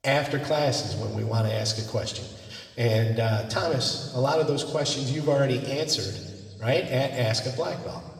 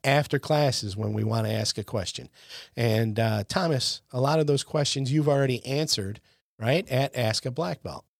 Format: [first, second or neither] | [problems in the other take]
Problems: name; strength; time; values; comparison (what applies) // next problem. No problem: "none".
second | room echo; slight; dies away in 1.6 s // off-mic speech; somewhat distant